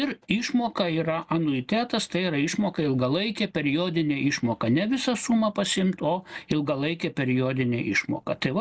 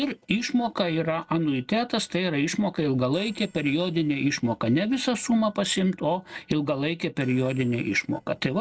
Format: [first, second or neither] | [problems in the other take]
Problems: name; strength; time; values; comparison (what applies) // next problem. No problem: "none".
first | noise reduction (neural separator model SepFormer DNS4)